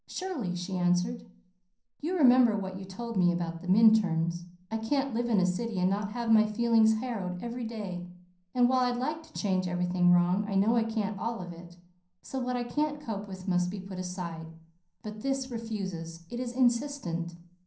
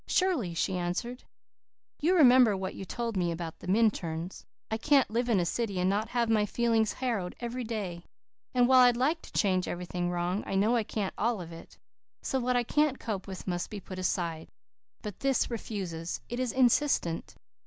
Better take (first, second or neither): second